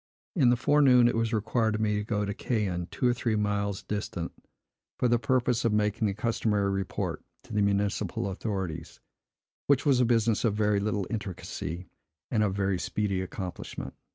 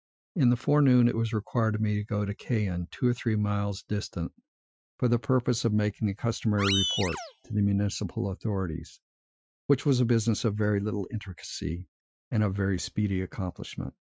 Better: first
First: none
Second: noise reduction (classical method Wiener filter)

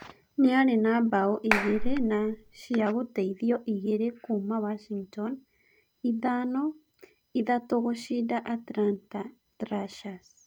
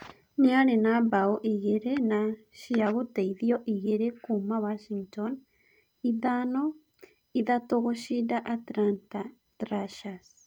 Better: second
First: background sound (Clapping); as loud as the speech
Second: none

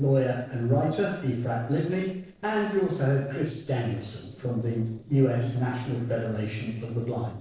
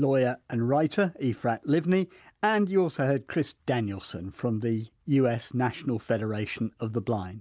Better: second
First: noise reduction (neural separator model SepFormer DNS4)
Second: none

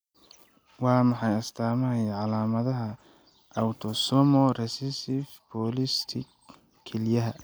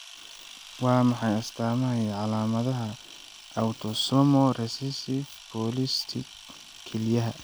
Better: first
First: none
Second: background sound (Camera); 19 dB below the speech

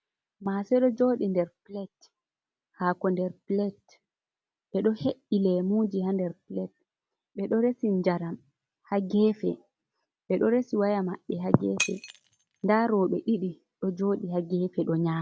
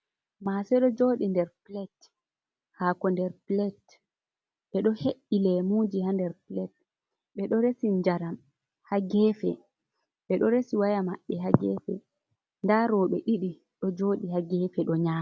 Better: second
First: background sound (Shatter); 12 dB below the speech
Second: none

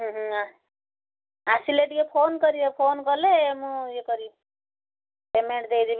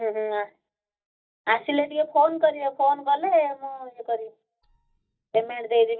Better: first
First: none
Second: noise reduction (neural mask model DeepFilterNet 3)

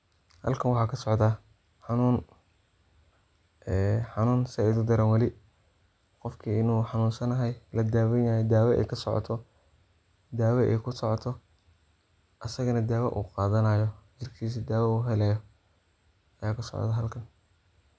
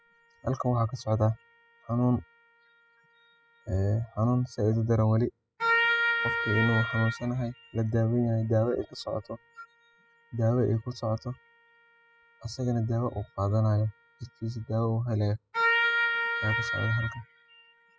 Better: first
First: none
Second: noise reduction (classical method spectral subtraction)

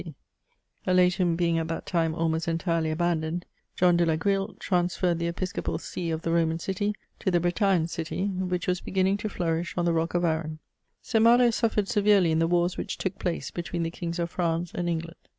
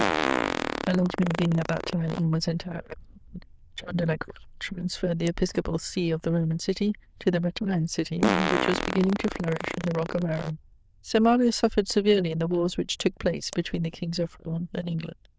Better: first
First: none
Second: noise reduction (neural diffusion model UNIVERSE++)

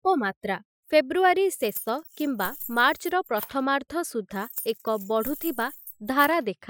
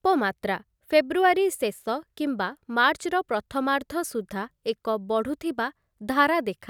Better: second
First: noise reduction (classical method Wiener filter)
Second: none

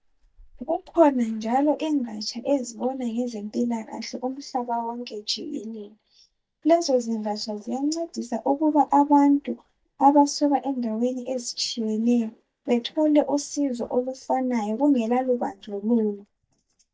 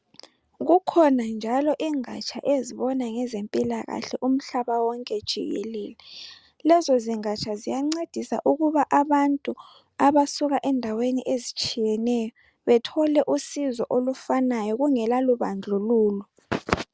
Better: second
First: noise reduction (neural mask model DeepFilterNet 3)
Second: none

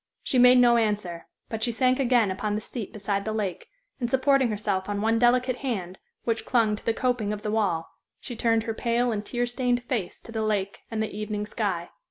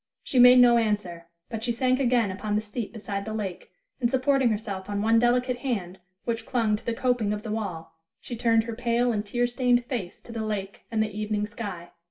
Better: first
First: none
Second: room echo; dies away in 0.2 s

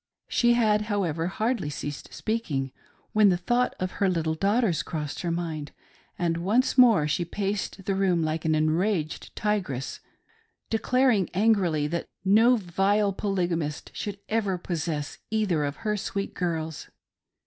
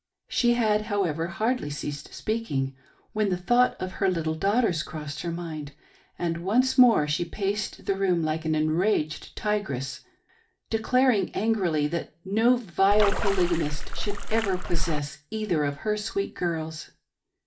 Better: first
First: none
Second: background sound (Splash, splatter); 4 dB above the speech // room echo; dies away in 0.2 s

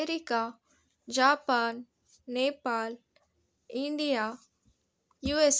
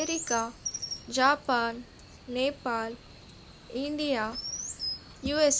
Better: first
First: none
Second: background sound (Chirp, tweet); 10 dB below the speech

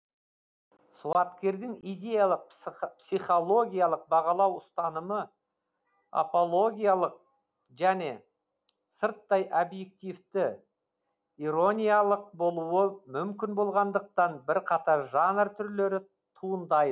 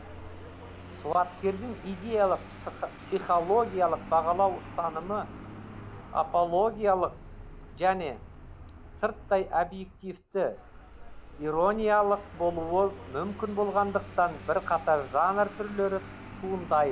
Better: first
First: none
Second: background sound (Vehicle); 15 dB below the speech

